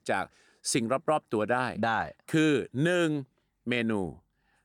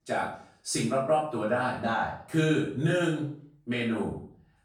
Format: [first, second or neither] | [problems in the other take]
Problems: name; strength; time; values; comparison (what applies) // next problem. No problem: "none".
first | off-mic speech; far // room echo; noticeable; dies away in 0.5 s